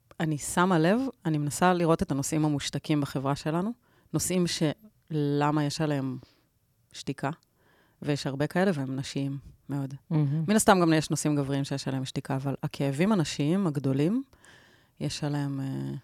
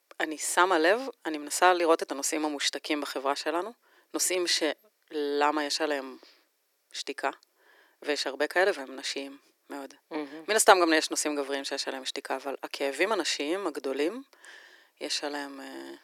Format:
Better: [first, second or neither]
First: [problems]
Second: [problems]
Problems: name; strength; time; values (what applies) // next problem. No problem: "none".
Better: first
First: none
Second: thin; very; fading below 350 Hz